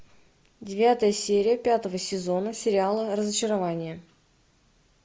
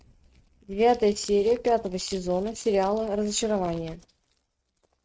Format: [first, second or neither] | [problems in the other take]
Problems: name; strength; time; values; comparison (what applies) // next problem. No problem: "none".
first | noise reduction (neural mask model RNNoise)